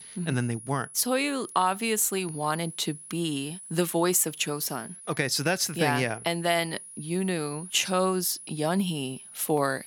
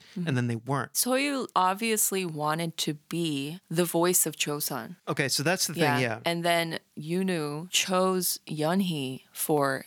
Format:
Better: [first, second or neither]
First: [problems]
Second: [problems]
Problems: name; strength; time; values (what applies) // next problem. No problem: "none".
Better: second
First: high-pitched whine; noticeable; throughout; 10.5 kHz, 15 dB below the speech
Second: none